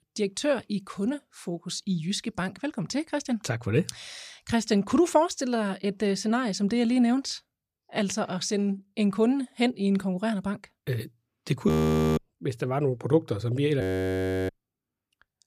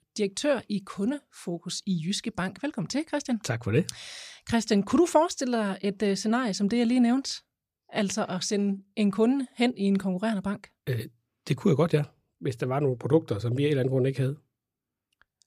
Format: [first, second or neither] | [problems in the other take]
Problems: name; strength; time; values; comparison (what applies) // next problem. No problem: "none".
second | audio freezing; at 12 s and at 14 s for 0.5 s